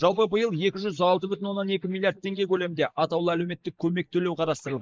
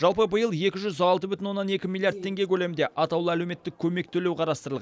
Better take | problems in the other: second | noise reduction (neural mask model Resemble Enhance denoiser)

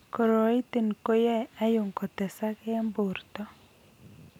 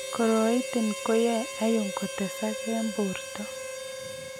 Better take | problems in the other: first | background sound (Harmonica); 7 dB below the speech

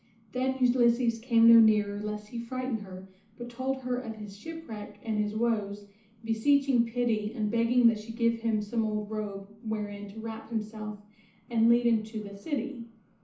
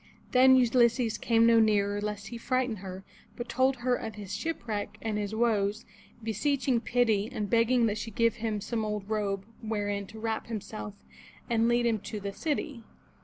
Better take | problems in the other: second | room echo; dies away in 0.9 s

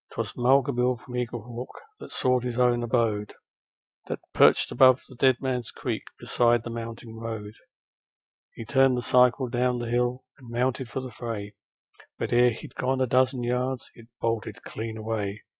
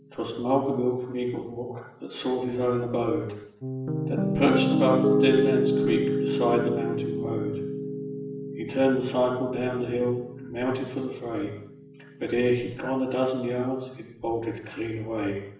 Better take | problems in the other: first | background sound (Piano); 2 dB below the speech // room echo; dies away in 0.8 s

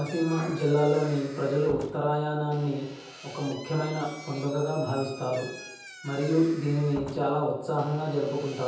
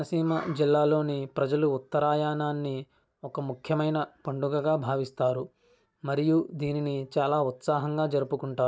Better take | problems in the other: second | background sound (Squeak / Slam); 17 dB below the speech // room echo; dies away in 0.9 s

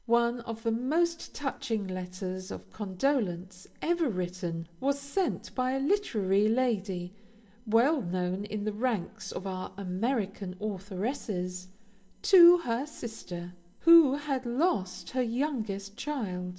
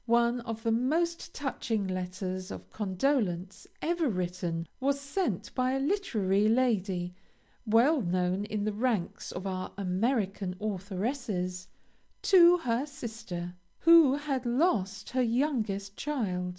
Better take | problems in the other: second | room echo; dies away in 0.5 s

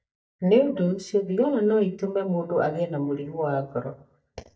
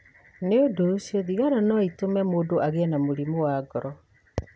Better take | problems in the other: second | noise reduction (neural mask model DeepFilterNet 3)

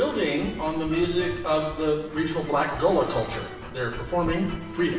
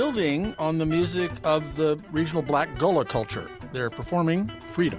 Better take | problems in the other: second | background sound (Dog / Breathing); 18 dB below the speech // room echo; dies away in 1 s

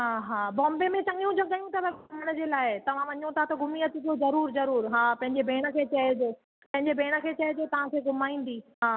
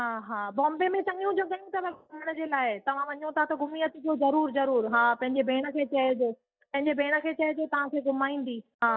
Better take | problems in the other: first | noise reduction (neural mask model DeepFilterNet 3)

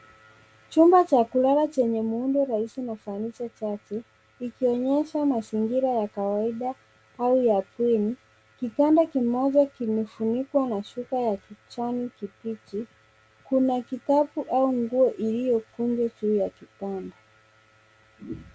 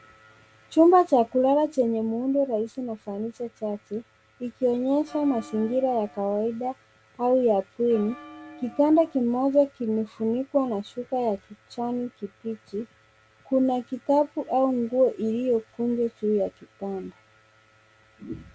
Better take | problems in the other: first | background sound (Bell); 19 dB below the speech

